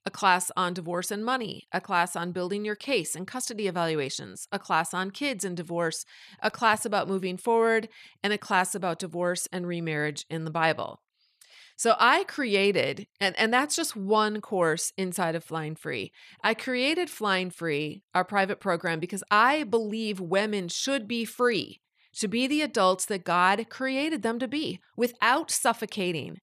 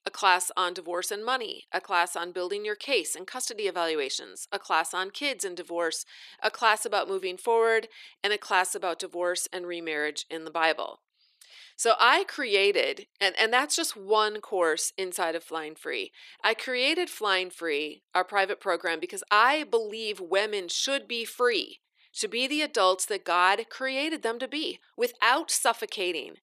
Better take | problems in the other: first | thin; somewhat; fading below 350 Hz

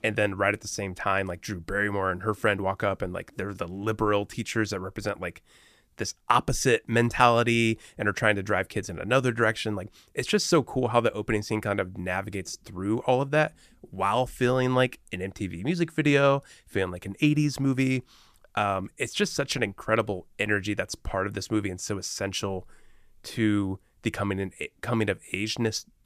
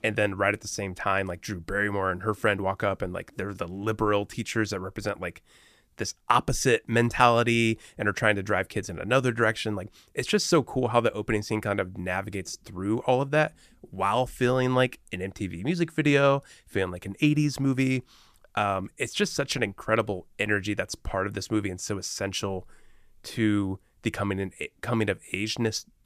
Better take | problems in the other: neither | none

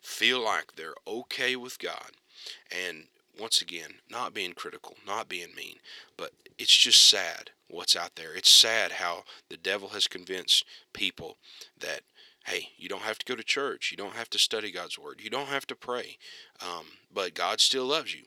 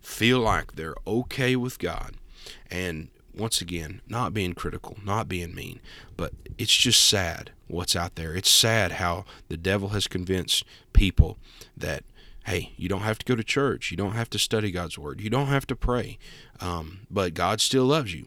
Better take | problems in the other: second | thin; somewhat; fading below 450 Hz

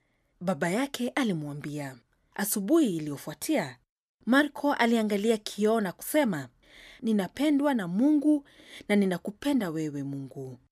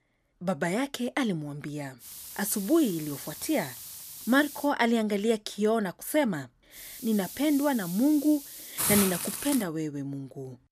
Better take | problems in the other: first | hiss; loud; from 2 to 4.5 s and from 6.5 to 9.5 s; 6 dB below the speech

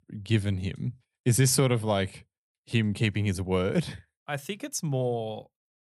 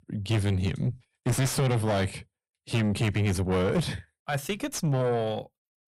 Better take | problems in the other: first | distortion; heavy; 6 dB below the speech

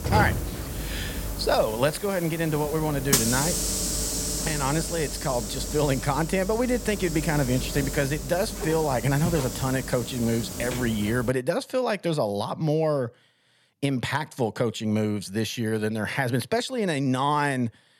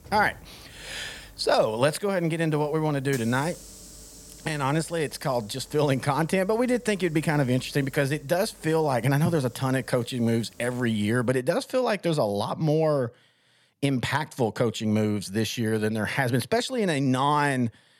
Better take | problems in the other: second | hiss; loud; until 11 s; 4 dB below the speech; faint in the second

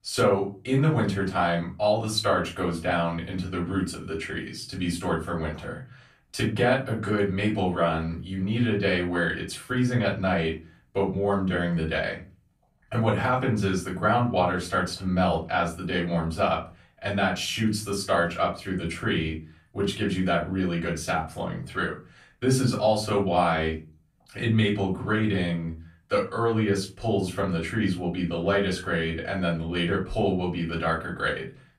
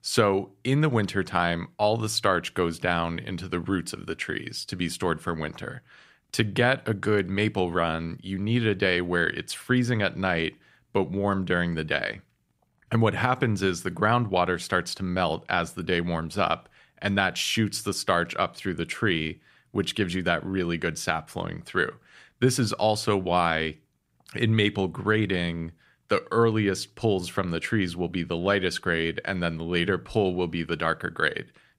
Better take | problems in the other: second | off-mic speech; far // room echo; slight; dies away in 0.3 s

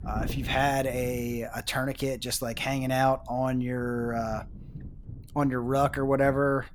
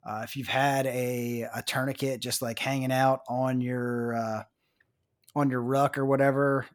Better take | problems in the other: second | wind noise on the microphone; occasional gusts; 25 dB below the speech

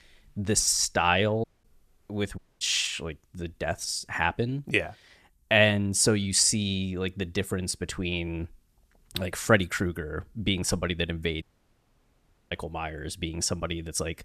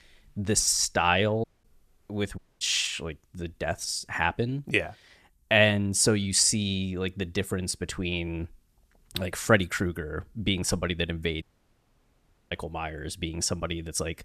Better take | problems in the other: neither | audio cutting out; at 1.5 s, at 2.5 s and at 11 s for 1 s; the same in both

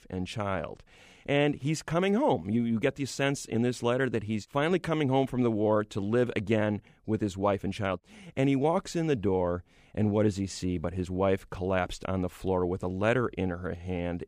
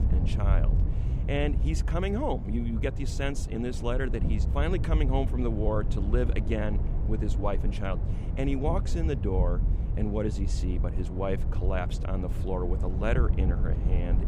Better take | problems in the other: first | low rumble; loud; throughout; 9 dB below the speech

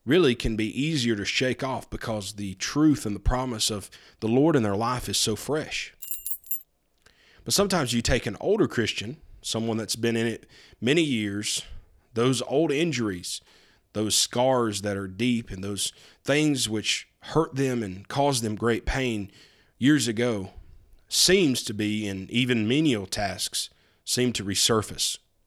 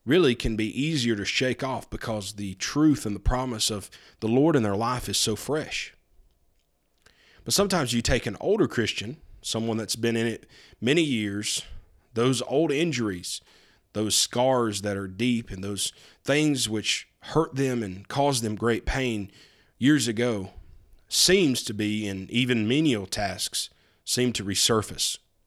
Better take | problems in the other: second | jangling keys; noticeable; at 6 s; peak 3 dB below the speech

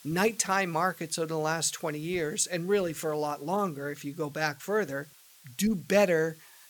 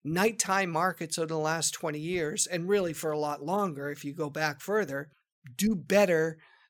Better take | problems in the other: second | hiss; faint; throughout; 25 dB below the speech

